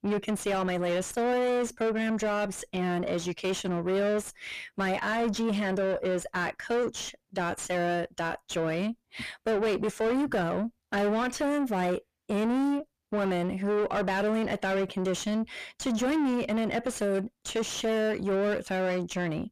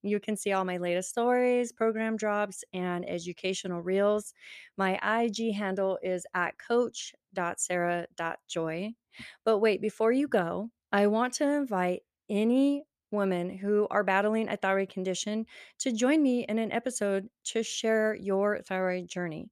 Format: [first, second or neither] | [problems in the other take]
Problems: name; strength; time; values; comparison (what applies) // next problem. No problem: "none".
second | distortion; heavy; 6 dB below the speech